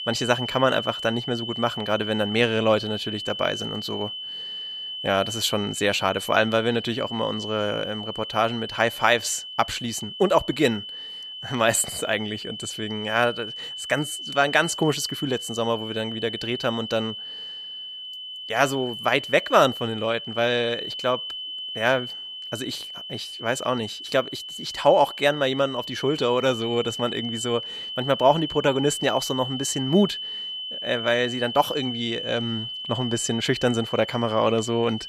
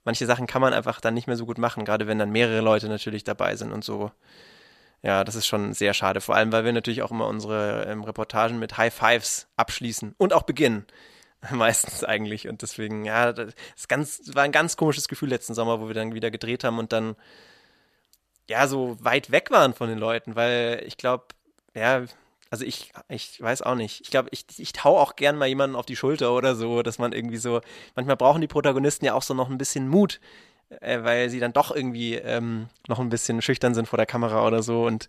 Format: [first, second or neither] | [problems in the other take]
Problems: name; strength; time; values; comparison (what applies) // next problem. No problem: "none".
second | high-pitched whine; loud; throughout; 3 kHz, 8 dB below the speech